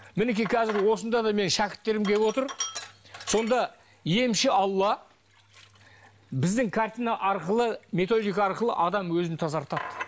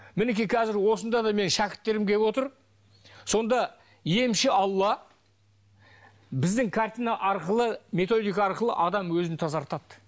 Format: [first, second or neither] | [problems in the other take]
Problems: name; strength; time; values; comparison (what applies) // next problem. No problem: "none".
second | background sound (Sink (filling or washing)); 16 dB below the speech